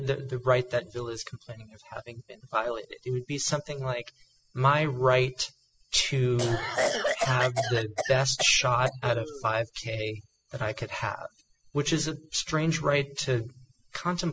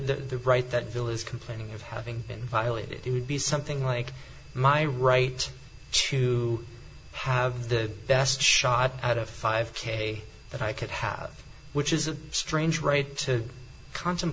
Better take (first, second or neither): second